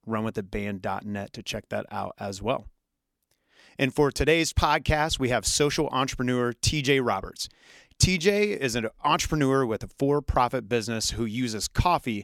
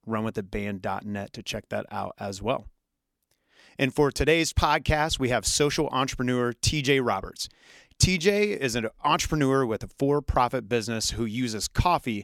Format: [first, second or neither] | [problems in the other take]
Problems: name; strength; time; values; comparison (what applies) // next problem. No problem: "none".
neither | none